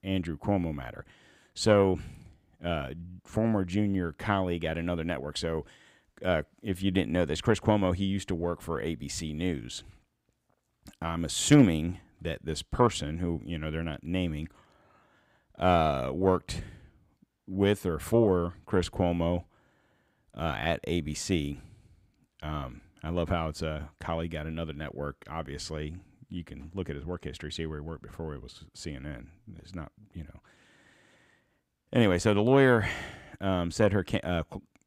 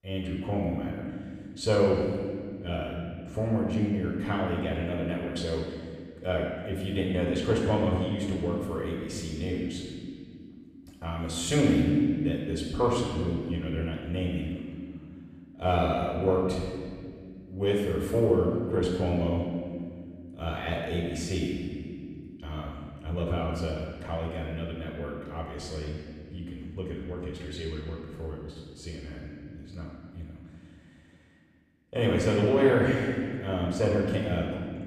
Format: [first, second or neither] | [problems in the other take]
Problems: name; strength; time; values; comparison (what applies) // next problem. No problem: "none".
first | room echo; noticeable; dies away in 2 s // off-mic speech; far